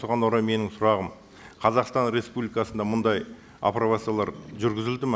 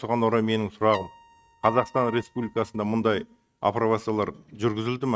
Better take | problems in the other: first | noise reduction (neural mask model RNNoise)

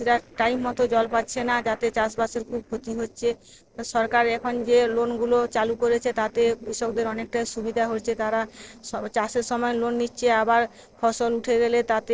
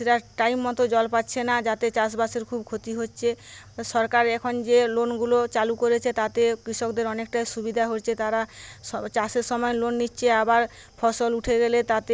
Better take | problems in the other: second | noise reduction (neural separator model SepFormer DNS4)

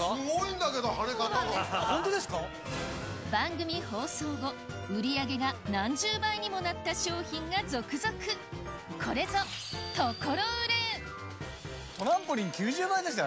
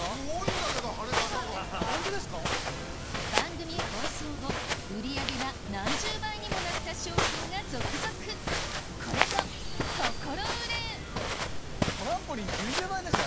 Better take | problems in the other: first | background sound (Walk, footsteps); 4 dB above the speech

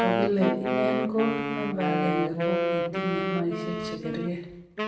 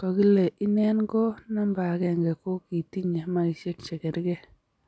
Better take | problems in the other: second | background sound (Wind instrument, woodwind instrument); as loud as the speech // room echo; dies away in 0.7 s

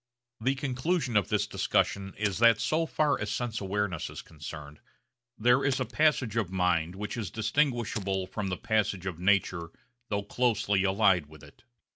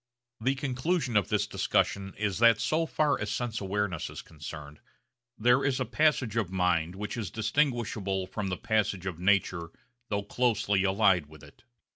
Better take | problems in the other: second | background sound (Fire); 19 dB below the speech

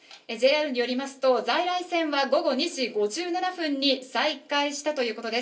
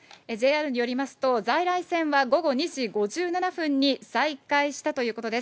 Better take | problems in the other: second | room echo; dies away in 0.2 s

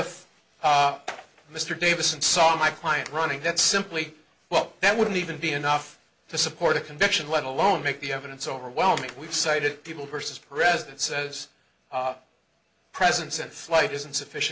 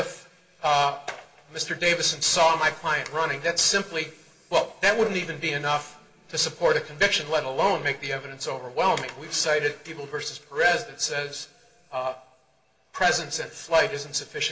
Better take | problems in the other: first | room echo; dies away in 2.1 s

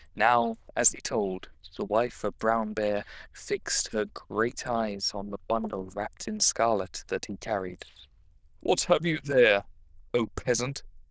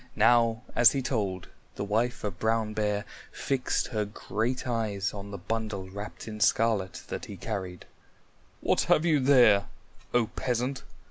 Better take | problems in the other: second | noise reduction (neural diffusion model UNIVERSE++)

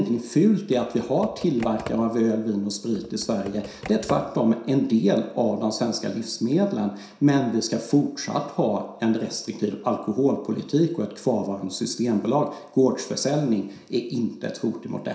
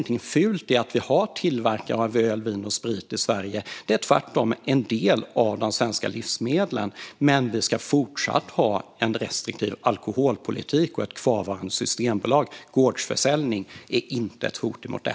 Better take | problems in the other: second | background sound (Computer keyboard); 17 dB below the speech // room echo; dies away in 0.7 s

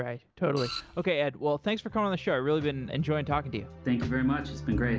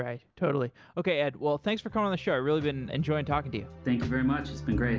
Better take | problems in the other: second | background sound (Printer); 10 dB below the speech

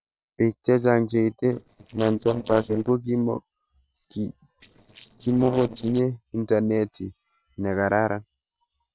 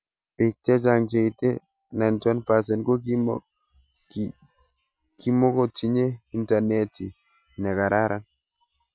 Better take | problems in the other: second | noise reduction (neural separator model SepFormer DNS4)

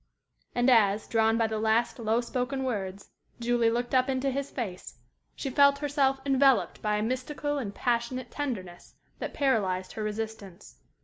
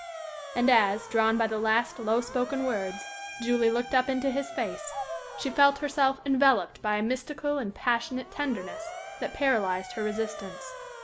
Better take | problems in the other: first | background sound (Bird vocalization, bird call, bird song + Motor vehicle (road) / Siren); 13 dB below the speech

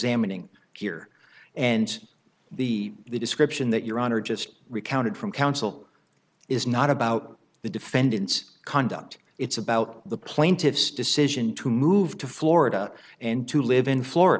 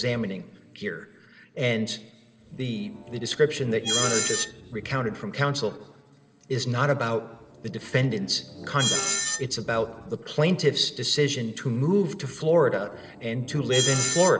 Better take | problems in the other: first | background sound (Screech); 7 dB below the speech // room echo; dies away in 2.1 s

